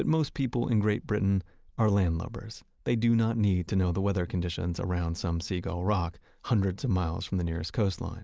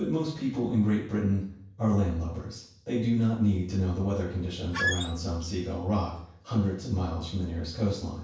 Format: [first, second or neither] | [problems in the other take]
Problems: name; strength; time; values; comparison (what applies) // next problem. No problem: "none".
first | background sound (Squeak); 2 dB below the speech // room echo; dies away in 0.7 s